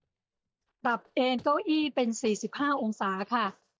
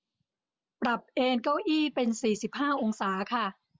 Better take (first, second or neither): second